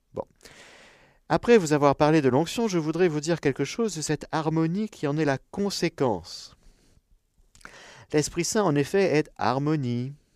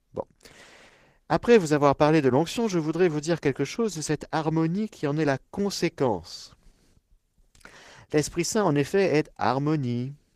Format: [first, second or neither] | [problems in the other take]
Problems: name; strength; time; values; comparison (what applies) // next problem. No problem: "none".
first | garbled, watery; slightly; nothing above 15 kHz